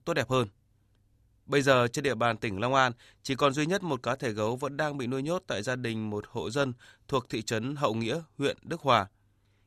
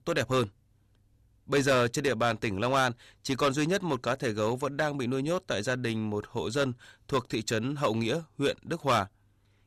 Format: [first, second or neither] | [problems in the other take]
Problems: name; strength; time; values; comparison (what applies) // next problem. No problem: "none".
first | distortion; slight; 3% of the sound clipped